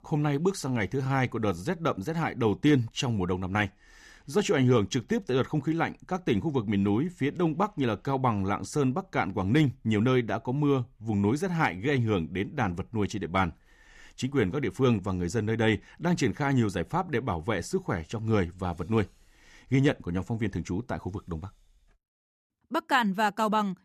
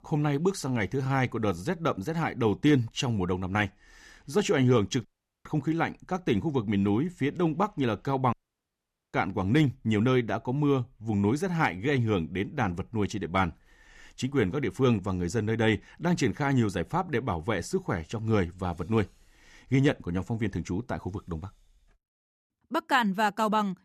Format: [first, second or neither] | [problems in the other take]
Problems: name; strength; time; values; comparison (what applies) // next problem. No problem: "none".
first | audio cutting out; at 5 s and at 8.5 s for 1 s